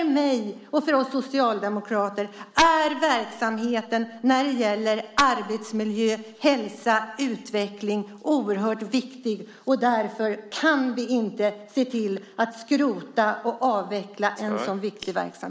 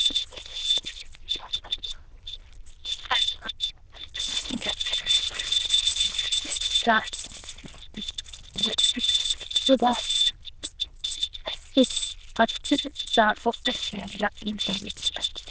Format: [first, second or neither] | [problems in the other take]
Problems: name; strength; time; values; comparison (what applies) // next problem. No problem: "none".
first | noise reduction (neural diffusion model UNIVERSE++)